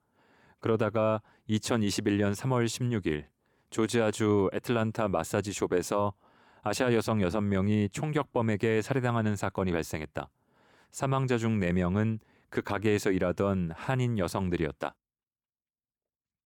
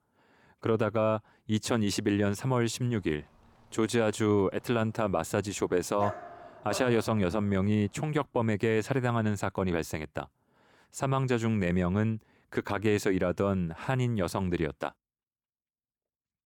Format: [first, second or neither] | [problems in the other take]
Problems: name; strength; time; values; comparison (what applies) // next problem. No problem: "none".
first | dog barking; noticeable; from 6 to 7 s; peak 8 dB below the speech